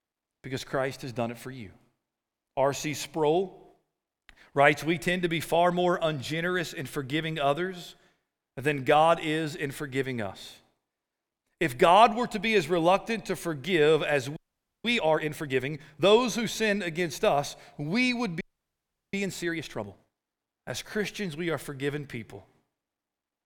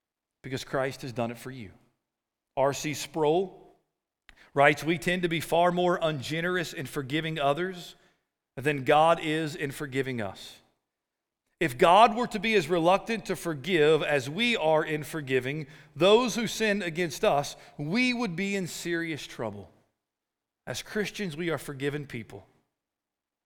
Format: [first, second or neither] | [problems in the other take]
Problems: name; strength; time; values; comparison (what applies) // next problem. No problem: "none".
second | audio freezing; at 14 s and at 18 s for 0.5 s